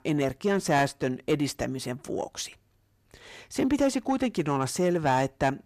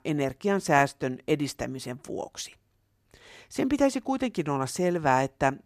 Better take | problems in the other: second | distortion; slight; 10 dB below the speech

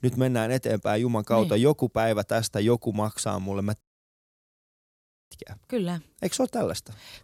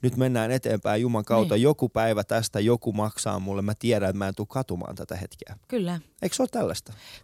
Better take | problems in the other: second | audio cutting out; at 4 s for 1.5 s

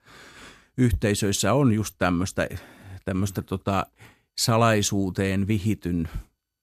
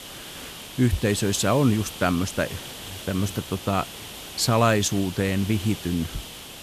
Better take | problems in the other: first | hiss; noticeable; throughout; 10 dB below the speech

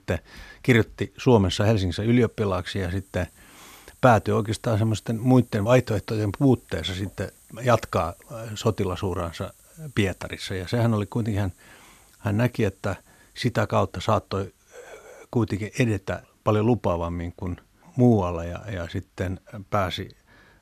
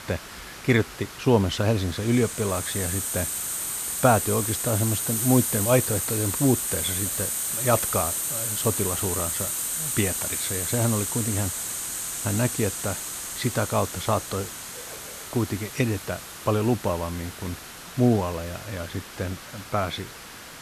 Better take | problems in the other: first | hiss; loud; throughout; 1 dB below the speech; faint in the first

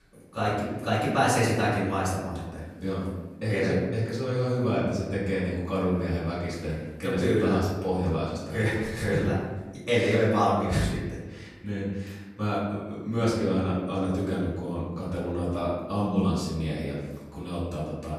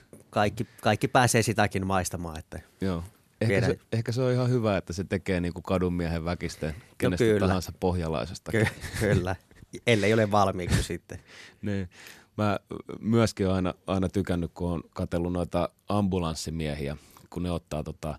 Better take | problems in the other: second | off-mic speech; far // room echo; noticeable; dies away in 1.1 s

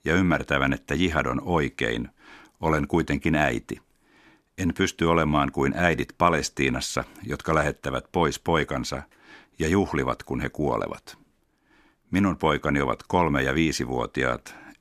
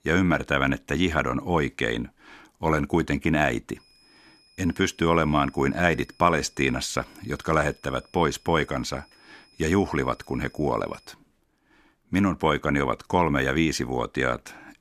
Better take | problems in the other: first | high-pitched whine; faint; from 4 to 11 s; 5 kHz, 30 dB below the speech

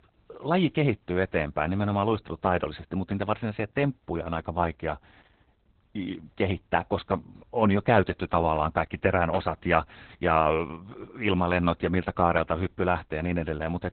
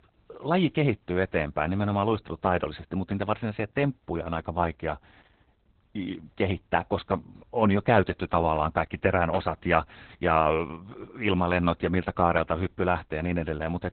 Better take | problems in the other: neither | garbled, watery; badly; nothing above 4 kHz; the same in both

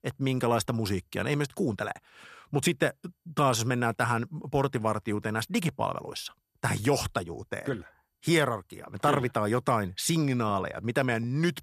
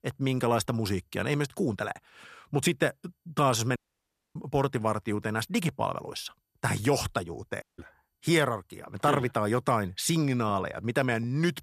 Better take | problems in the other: first | audio cutting out; at 4 s for 0.5 s and at 7.5 s

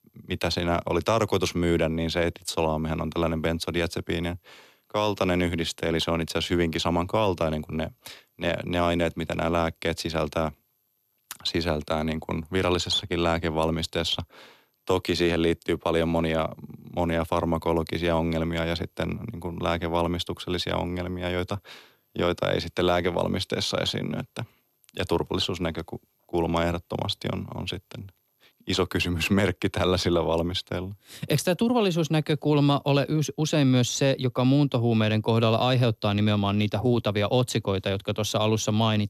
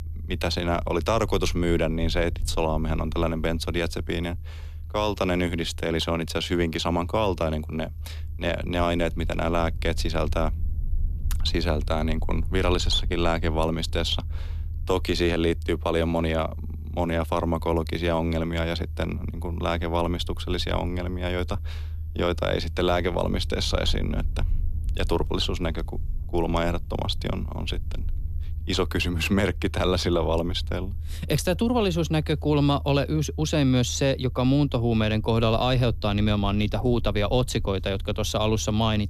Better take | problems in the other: first | low rumble; faint; throughout; 25 dB below the speech

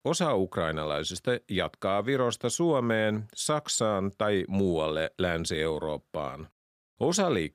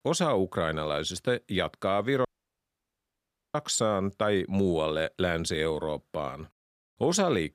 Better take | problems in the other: first | audio cutting out; at 2.5 s for 1.5 s

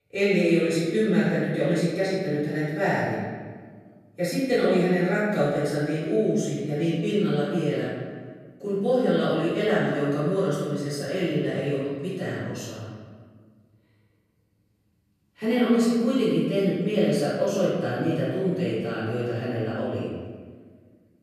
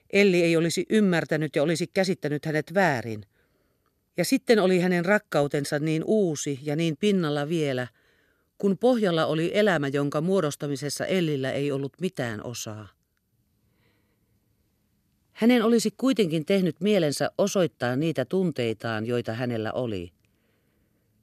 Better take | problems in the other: second | off-mic speech; far // room echo; strong; dies away in 1.5 s

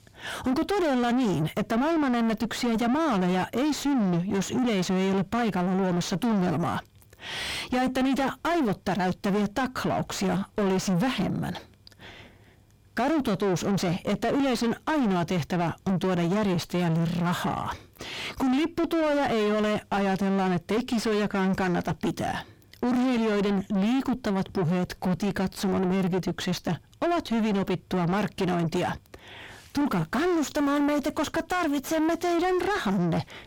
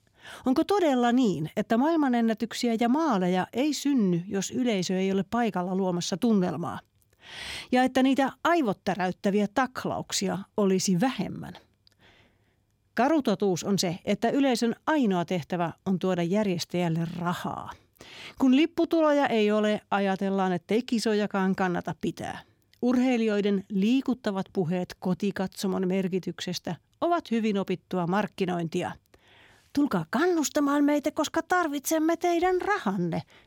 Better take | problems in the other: second | distortion; heavy; 6 dB below the speech

